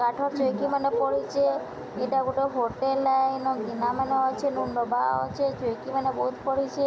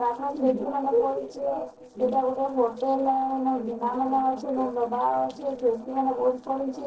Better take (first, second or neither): first